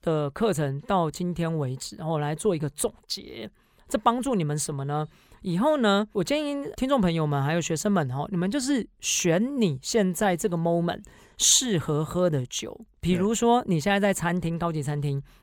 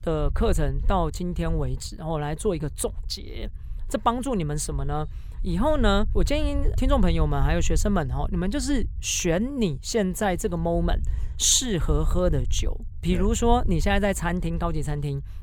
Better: first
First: none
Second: low rumble; faint; throughout; 25 dB below the speech

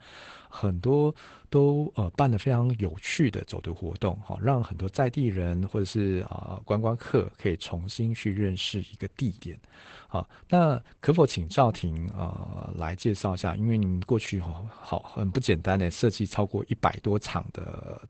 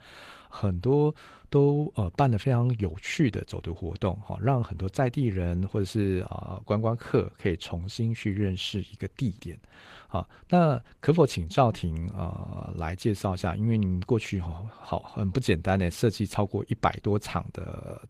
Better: second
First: garbled, watery; badly; nothing above 8 kHz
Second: garbled, watery; slightly; nothing above 15 kHz

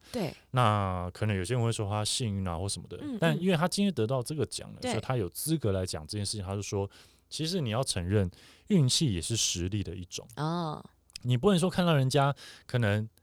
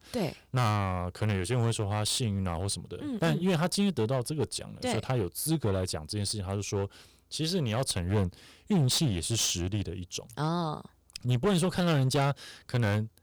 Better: first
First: none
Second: distortion; slight; 8% of the sound clipped

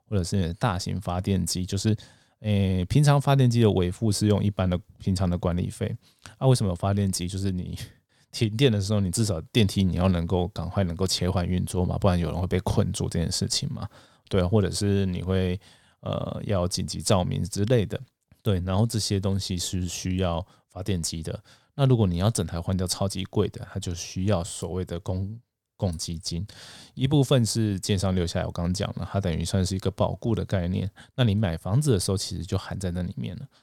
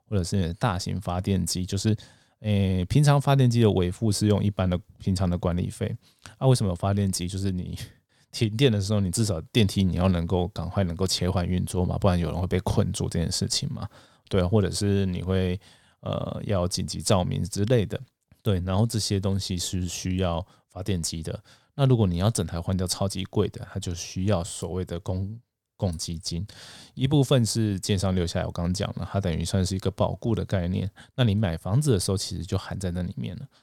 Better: neither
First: none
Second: none

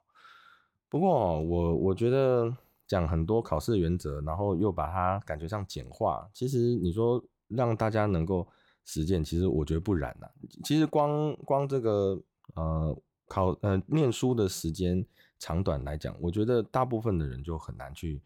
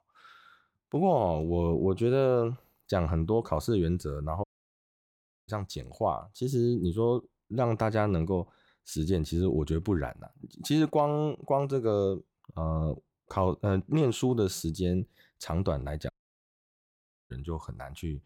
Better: first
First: none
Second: audio cutting out; at 4.5 s for 1 s and at 16 s for 1 s

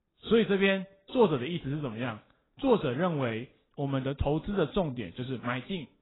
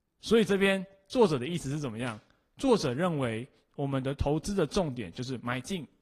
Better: second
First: garbled, watery; badly; nothing above 4 kHz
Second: garbled, watery; slightly; nothing above 14 kHz

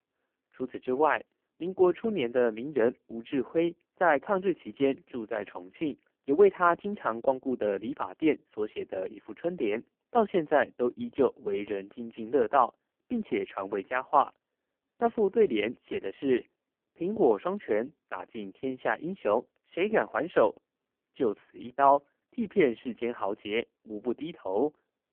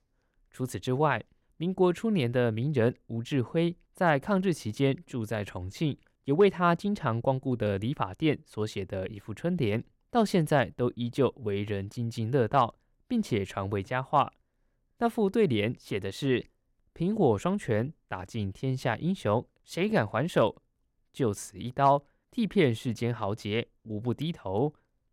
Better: second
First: phone-call audio; poor line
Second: none

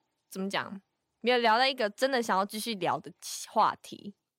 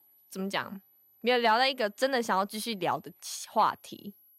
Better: first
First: none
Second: high-pitched whine; faint; throughout; 11.5 kHz, 30 dB below the speech

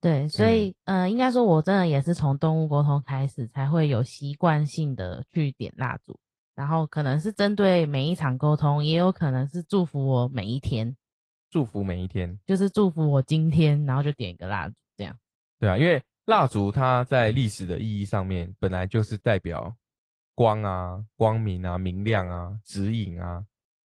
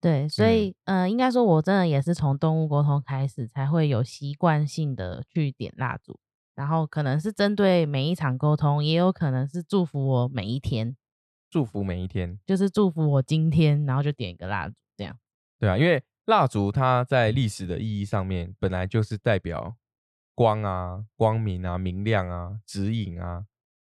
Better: second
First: garbled, watery; slightly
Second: none

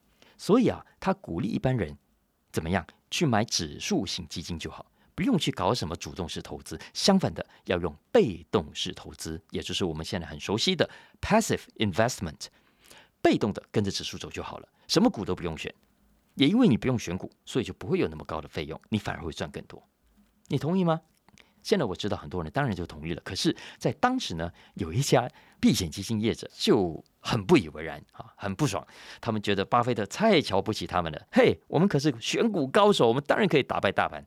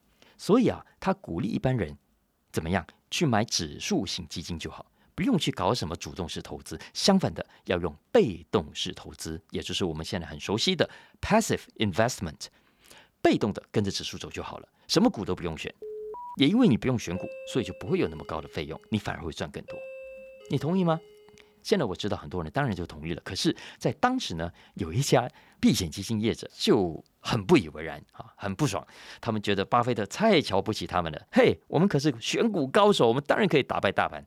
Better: first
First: none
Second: alarm; faint; at 16 s; peak 10 dB below the speech // doorbell; faint; from 17 to 21 s; peak 15 dB below the speech

